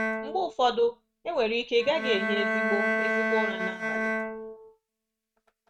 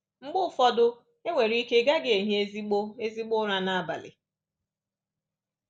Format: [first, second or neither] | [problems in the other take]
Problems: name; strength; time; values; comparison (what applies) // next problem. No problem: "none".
second | noise reduction (neural mask model RNNoise)